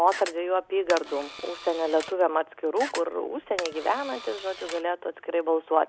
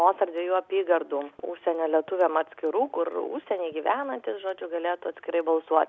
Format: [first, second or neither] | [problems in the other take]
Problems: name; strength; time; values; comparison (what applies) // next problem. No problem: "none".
second | background sound (Camera); 13 dB below the speech